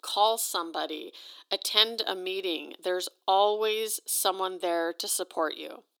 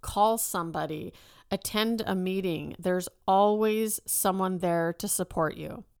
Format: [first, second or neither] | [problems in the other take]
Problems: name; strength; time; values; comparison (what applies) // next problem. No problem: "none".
second | thin; very; fading below 300 Hz